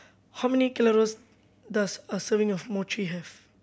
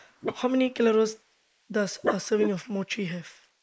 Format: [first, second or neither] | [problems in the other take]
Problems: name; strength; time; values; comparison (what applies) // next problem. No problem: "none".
first | noise reduction (neural mask model Resemble Enhance denoiser)